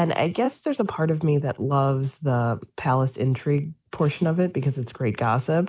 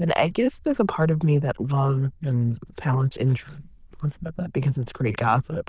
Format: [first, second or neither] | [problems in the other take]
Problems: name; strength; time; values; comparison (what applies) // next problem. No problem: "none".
first | noise reduction (neural diffusion model UNIVERSE++)